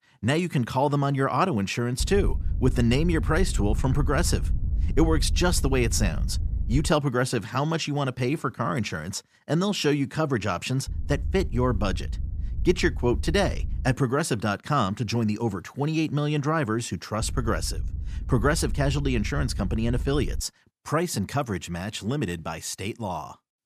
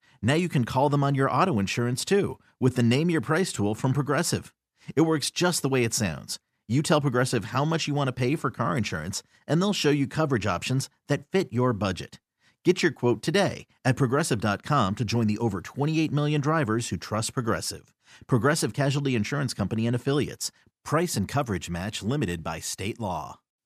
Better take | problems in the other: second | low rumble; faint; from 2 to 7 s, from 11 to 14 s and from 17 to 20 s; 20 dB below the speech

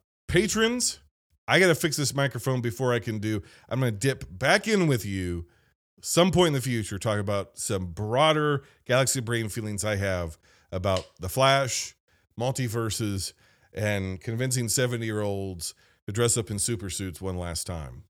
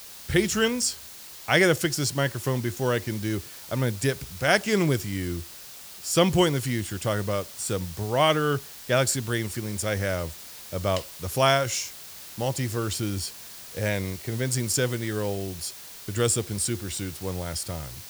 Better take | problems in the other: first | hiss; noticeable; throughout; 15 dB below the speech

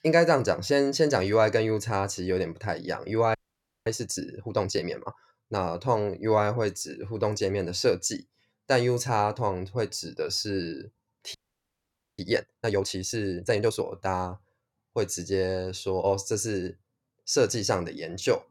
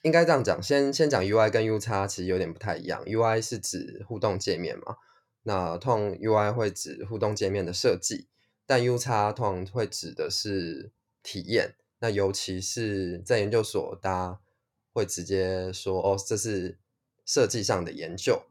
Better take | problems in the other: second | audio freezing; at 3.5 s for 0.5 s and at 11 s for 1 s

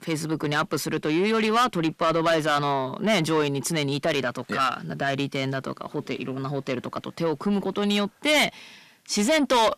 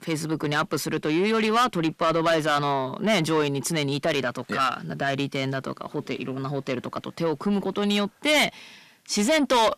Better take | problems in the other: neither | distortion; heavy; 7 dB below the speech; the same in both

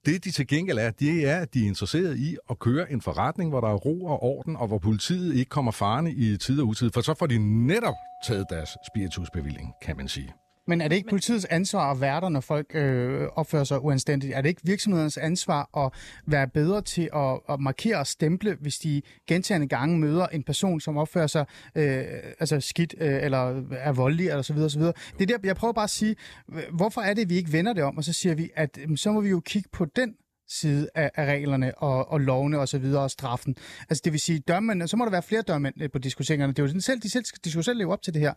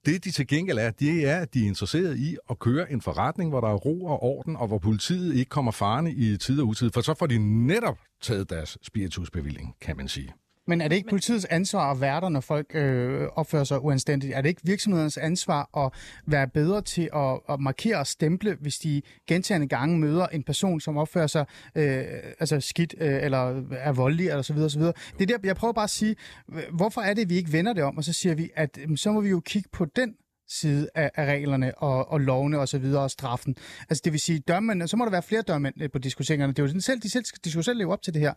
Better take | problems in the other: second | doorbell; faint; from 8 to 9.5 s; peak 15 dB below the speech

